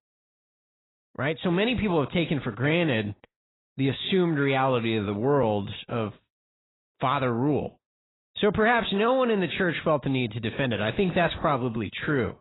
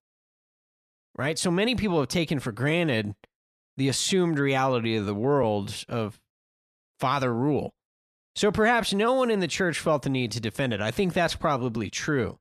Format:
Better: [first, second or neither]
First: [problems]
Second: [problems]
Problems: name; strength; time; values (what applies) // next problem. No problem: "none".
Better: second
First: garbled, watery; badly; nothing above 4 kHz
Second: none